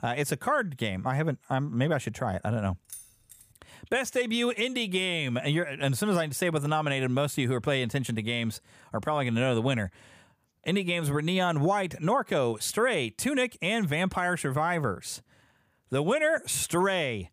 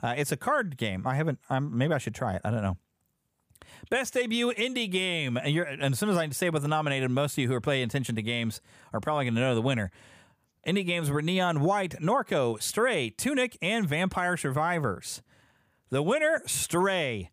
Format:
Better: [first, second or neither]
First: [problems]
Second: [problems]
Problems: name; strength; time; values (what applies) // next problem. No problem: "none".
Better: second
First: jangling keys; faint; at 3 s; peak 15 dB below the speech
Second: none